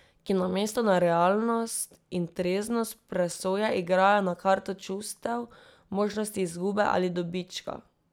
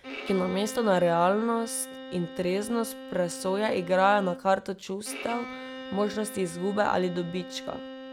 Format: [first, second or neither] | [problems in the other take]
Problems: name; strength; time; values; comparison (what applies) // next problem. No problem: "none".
first | background sound (Bowed string instrument); 13 dB below the speech